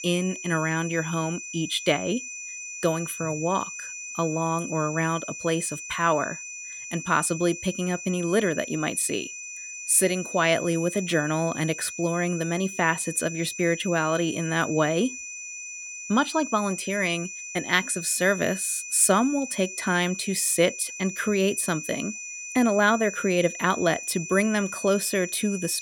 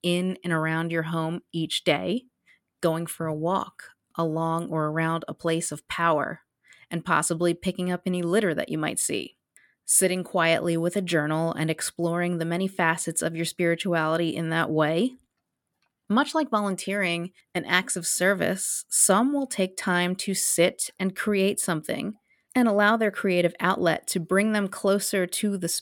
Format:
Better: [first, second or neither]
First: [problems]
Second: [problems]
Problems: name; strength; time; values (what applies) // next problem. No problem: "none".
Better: second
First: high-pitched whine; loud; throughout; 2.5 kHz, 9 dB below the speech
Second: none